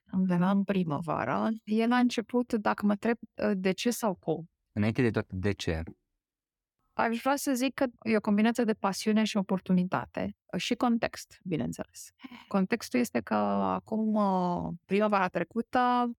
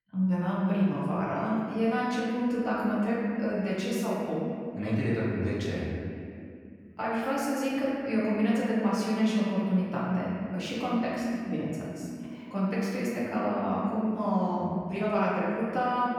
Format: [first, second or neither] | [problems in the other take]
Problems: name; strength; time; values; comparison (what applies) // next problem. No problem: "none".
first | room echo; strong; dies away in 2.4 s // off-mic speech; far